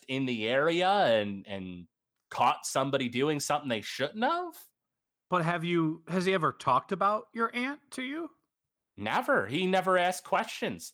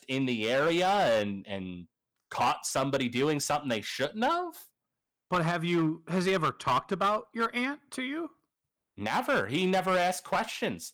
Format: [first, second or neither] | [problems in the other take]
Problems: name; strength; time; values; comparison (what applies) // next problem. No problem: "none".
first | distortion; slight; 7% of the sound clipped